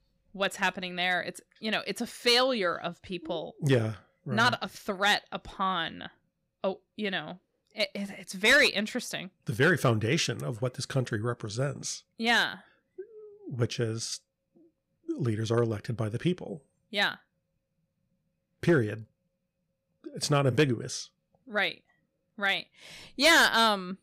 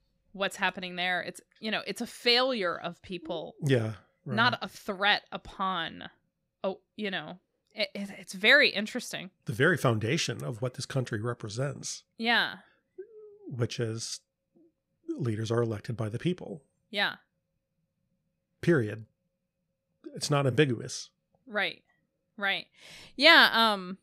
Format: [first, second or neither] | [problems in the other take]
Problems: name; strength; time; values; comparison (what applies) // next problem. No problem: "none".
second | distortion; slight; 1.3% of the sound clipped